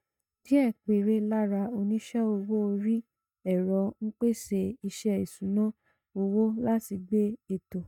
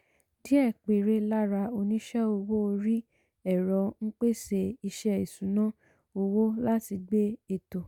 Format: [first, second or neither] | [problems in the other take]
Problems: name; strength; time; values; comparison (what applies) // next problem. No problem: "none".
second | noise reduction (neural mask model DeepFilterNet 3)